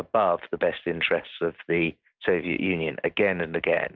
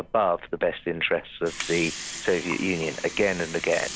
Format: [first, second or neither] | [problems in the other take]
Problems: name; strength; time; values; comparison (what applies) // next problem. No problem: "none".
first | background sound (Water); 11 dB below the speech